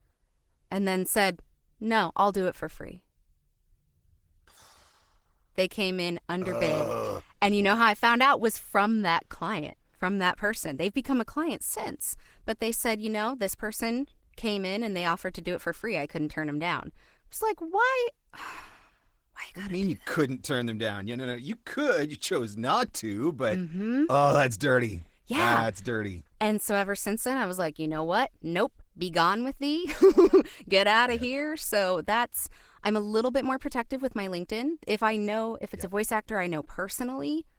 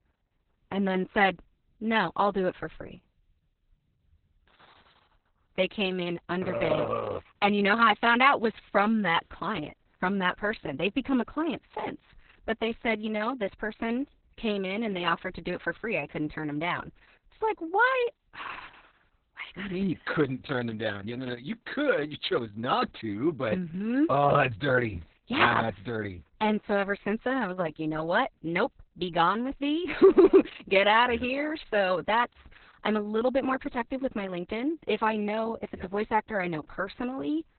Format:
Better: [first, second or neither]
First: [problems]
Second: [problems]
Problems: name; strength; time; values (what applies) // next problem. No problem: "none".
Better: first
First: garbled, watery; slightly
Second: garbled, watery; badly; nothing above 4 kHz